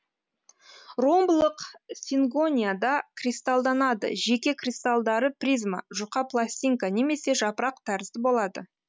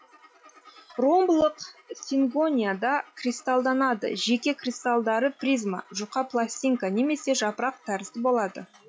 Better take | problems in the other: first | noise reduction (classical method log-MMSE)

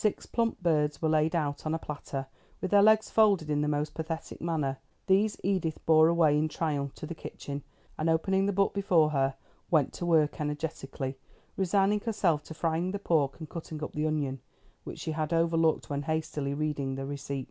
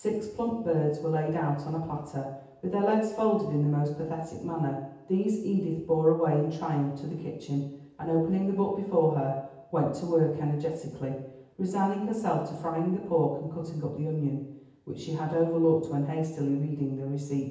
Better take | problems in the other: first | room echo; dies away in 0.9 s

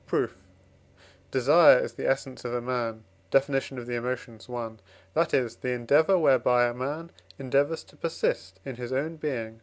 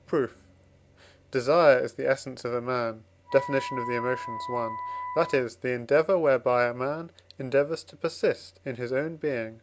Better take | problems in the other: first | background sound (Wind instrument, woodwind instrument); 9 dB below the speech

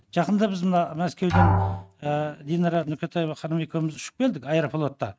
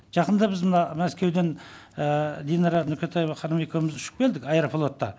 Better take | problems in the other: second | noise reduction (neural mask model RNNoise)

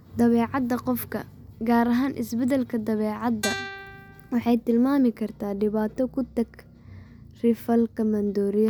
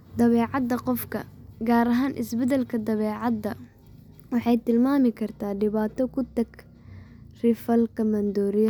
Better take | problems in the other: second | background sound (Guitar); 9 dB below the speech

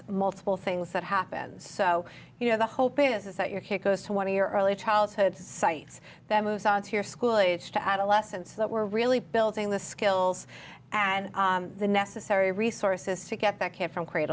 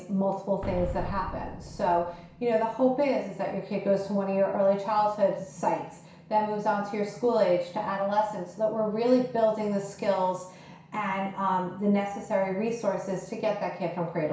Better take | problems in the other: first | background sound (Boom); 11 dB below the speech // room echo; dies away in 0.6 s

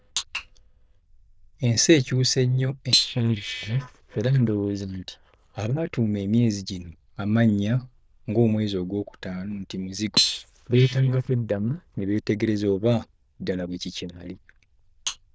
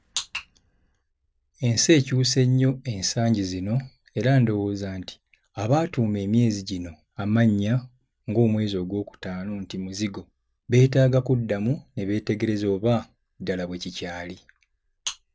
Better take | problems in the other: second | noise reduction (neural diffusion model UNIVERSE++)

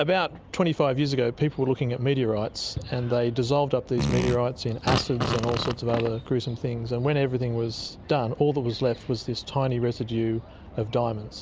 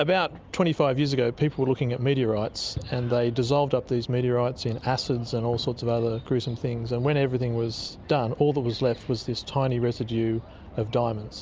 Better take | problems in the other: second | background sound (Fart); 3 dB below the speech

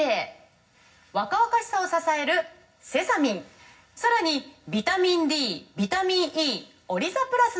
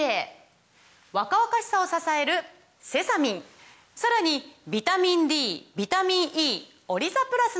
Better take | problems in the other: second | room echo; dies away in 0.4 s

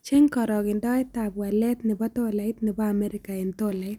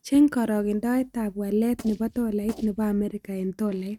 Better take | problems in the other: first | noise reduction (neural mask model RNNoise)

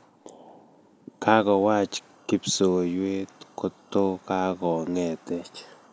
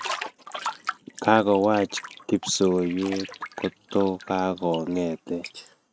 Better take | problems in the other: first | noise reduction (neural mask model RNNoise)

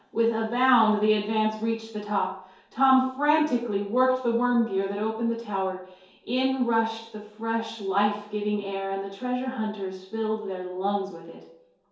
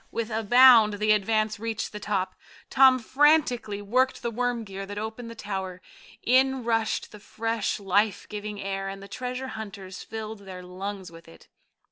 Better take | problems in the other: second | room echo; dies away in 2.4 s

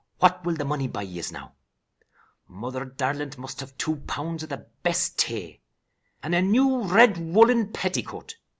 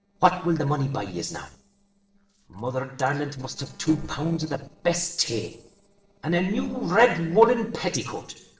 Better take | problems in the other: first | noise reduction (neural separator model SepFormer DNS4)

